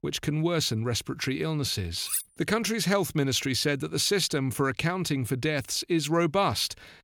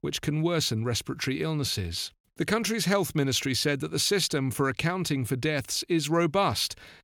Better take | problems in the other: second | clattering dishes; noticeable; at 2 s; peak 3 dB below the speech

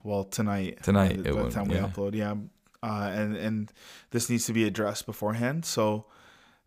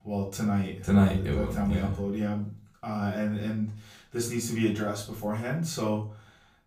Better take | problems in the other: first | off-mic speech; far // room echo; slight; dies away in 0.3 s

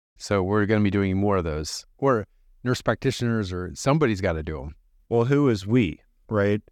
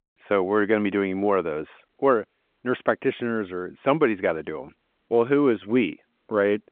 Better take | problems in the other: first | phone-call audio

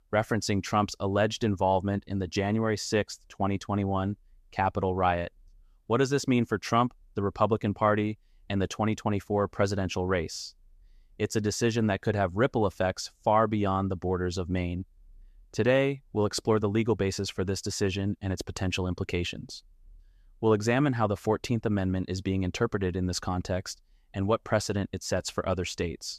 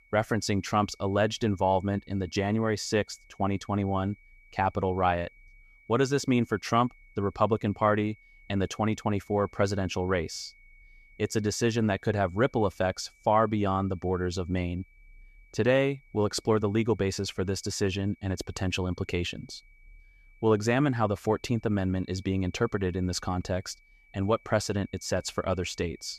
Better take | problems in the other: first | high-pitched whine; faint; throughout; 2 kHz, 30 dB below the speech

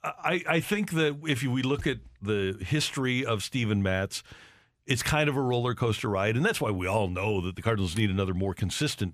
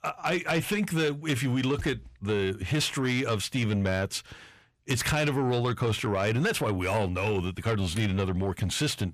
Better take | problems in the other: first | distortion; slight; 10 dB below the speech

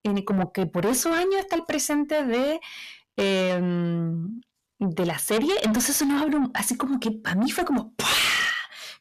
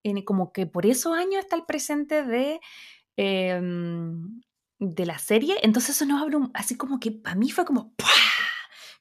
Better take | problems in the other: second | distortion; heavy; 6 dB below the speech

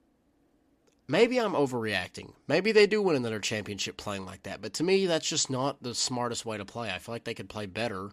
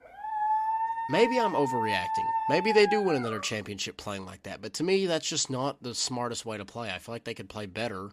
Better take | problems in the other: first | dog barking; loud; until 3.5 s; peak 2 dB above the speech

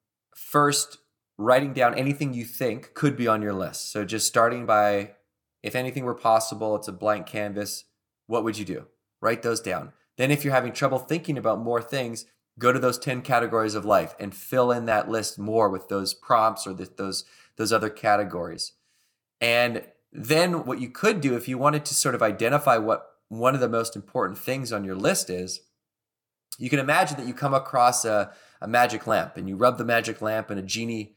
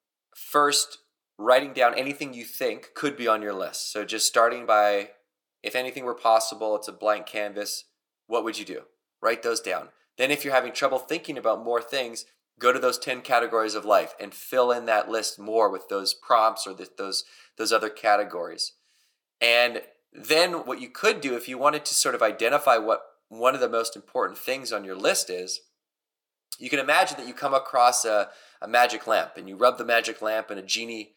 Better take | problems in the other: first | thin; somewhat; fading below 450 Hz

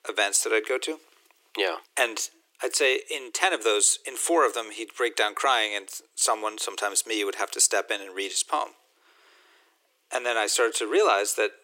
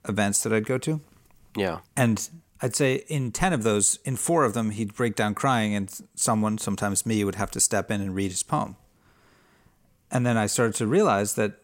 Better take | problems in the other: second | thin; very; fading below 350 Hz

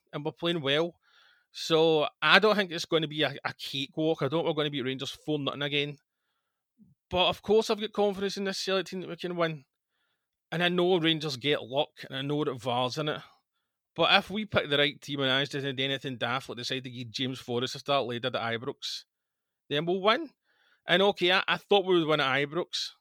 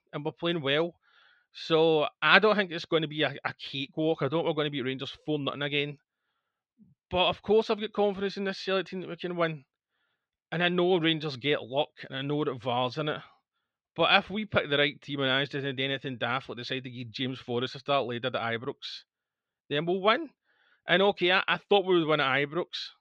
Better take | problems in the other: first | muffled; very slightly; fading above 3 kHz

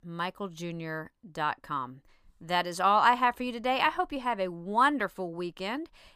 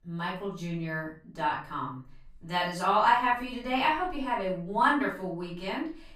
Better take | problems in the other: first | room echo; noticeable; dies away in 0.4 s // off-mic speech; far

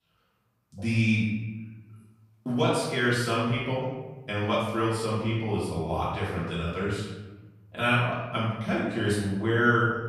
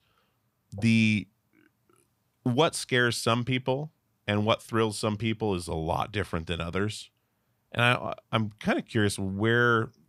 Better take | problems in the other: second | room echo; noticeable; dies away in 1 s // off-mic speech; far

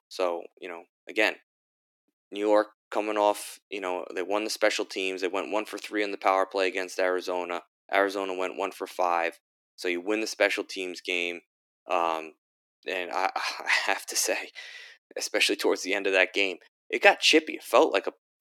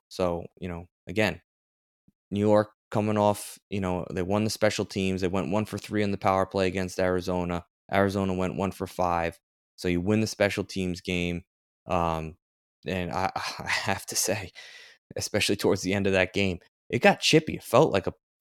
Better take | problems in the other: second | thin; somewhat; fading below 300 Hz

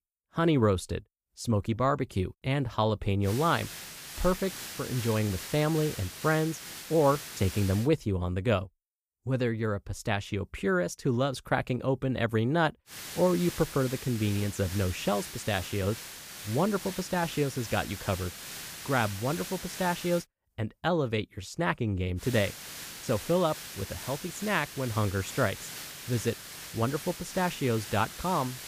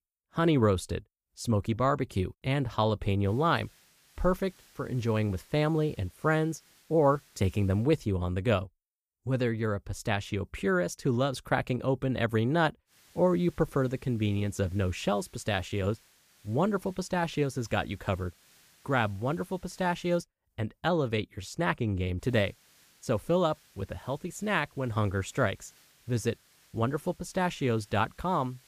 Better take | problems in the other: second | hiss; loud; from 3.5 to 8 s, from 13 to 20 s and from 22 s on; 10 dB below the speech; faint in the second

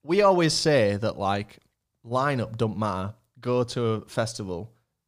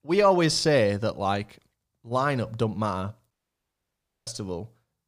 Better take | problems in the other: first | audio cutting out; at 3.5 s for 1 s

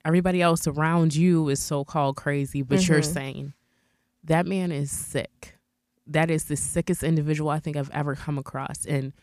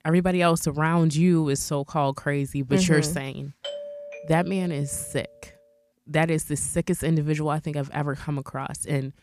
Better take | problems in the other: first | doorbell; faint; from 3.5 to 5 s; peak 10 dB below the speech

